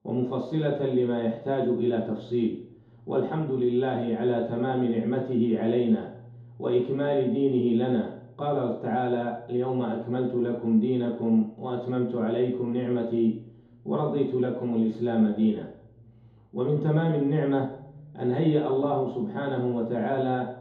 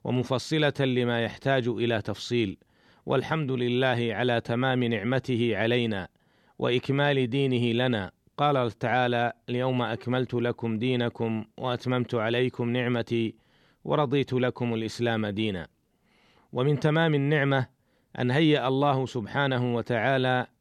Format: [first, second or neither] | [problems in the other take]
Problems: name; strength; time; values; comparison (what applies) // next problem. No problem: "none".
second | room echo; noticeable; dies away in 3 s // off-mic speech; far